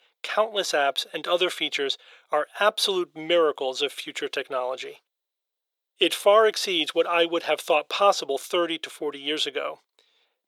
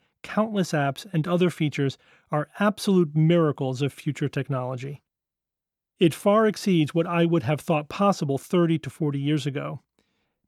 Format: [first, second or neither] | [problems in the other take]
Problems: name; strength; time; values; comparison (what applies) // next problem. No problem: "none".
second | thin; very; fading below 450 Hz